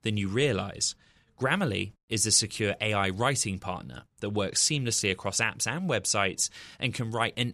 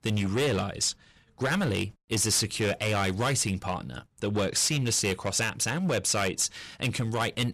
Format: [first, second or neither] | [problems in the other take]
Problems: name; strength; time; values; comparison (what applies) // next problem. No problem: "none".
first | distortion; heavy; 13% of the sound clipped